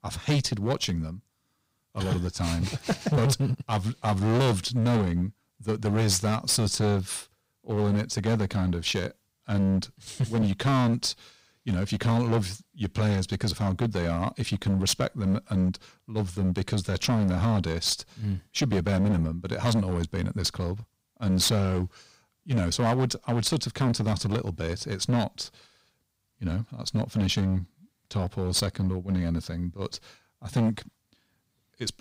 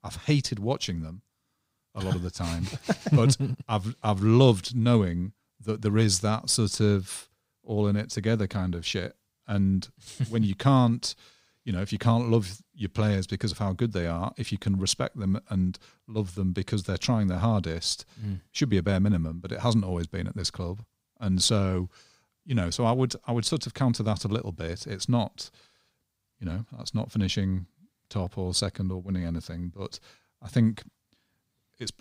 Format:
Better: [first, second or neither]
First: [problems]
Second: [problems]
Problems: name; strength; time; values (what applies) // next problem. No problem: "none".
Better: second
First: distortion; heavy; 10% of the sound clipped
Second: none